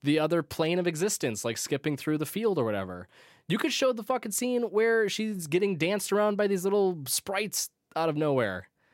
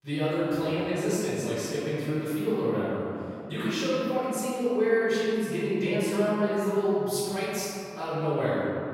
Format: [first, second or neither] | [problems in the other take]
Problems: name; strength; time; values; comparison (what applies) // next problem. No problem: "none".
first | room echo; strong; dies away in 2.4 s // off-mic speech; far